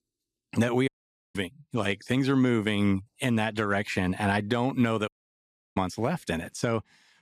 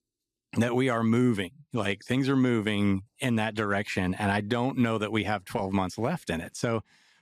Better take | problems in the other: second | audio cutting out; at 1 s and at 5 s for 0.5 s

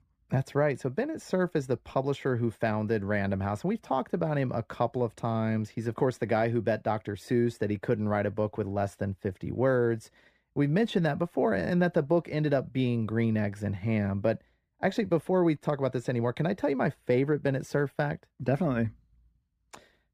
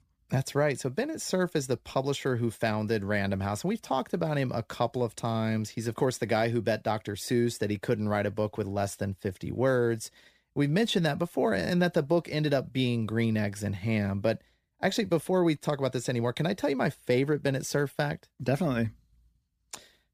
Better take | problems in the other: second | muffled; slightly; fading above 3 kHz

